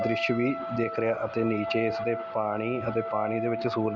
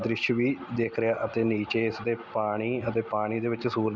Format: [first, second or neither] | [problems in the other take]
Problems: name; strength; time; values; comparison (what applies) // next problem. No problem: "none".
second | background sound (Wind instrument, woodwind instrument); 5 dB below the speech